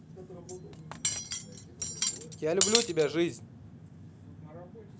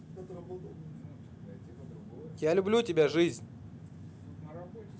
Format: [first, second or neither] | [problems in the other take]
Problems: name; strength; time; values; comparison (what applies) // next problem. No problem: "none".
second | background sound (Cutlery, silverware); as loud as the speech